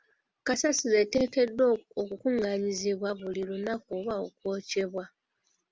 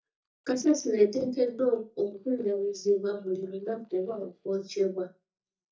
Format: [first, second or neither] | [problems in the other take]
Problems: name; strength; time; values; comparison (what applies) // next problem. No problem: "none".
first | noise reduction (neural mask model DeepFilterNet 3)